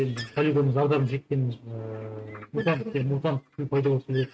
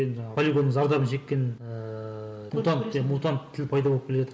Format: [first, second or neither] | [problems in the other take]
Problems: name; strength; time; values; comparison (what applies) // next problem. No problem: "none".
second | noise reduction (neural mask model RNNoise)